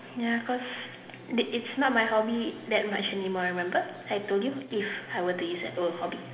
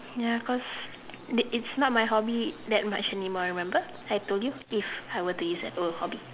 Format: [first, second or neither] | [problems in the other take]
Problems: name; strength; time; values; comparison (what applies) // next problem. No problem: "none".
second | room echo; dies away in 1.1 s